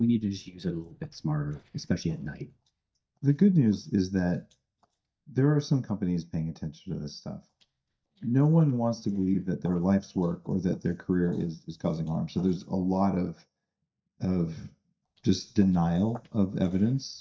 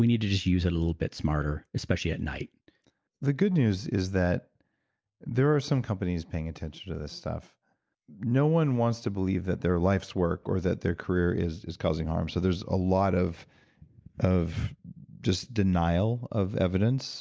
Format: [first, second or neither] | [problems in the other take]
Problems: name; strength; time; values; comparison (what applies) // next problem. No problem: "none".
second | noise reduction (neural mask model DeepFilterNet 3)